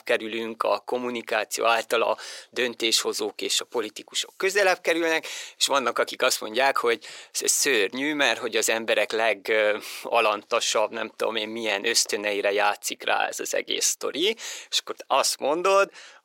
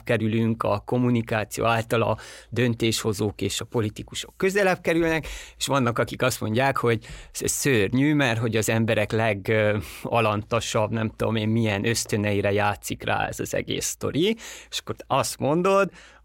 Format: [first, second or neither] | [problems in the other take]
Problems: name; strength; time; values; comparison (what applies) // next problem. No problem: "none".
second | thin; very; fading below 400 Hz